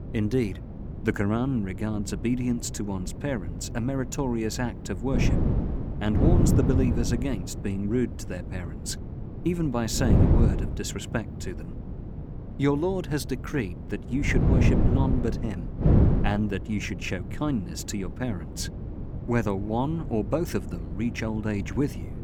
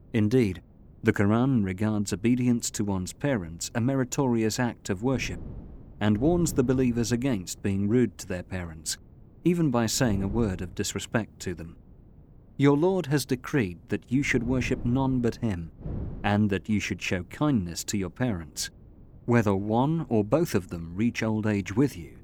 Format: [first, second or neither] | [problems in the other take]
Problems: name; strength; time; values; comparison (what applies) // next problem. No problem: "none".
second | wind noise on the microphone; heavy; 6 dB below the speech; occasional gusts in the second